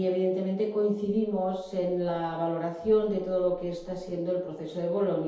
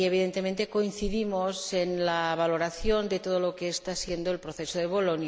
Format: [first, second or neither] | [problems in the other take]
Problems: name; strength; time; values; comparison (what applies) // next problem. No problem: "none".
second | room echo; dies away in 0.8 s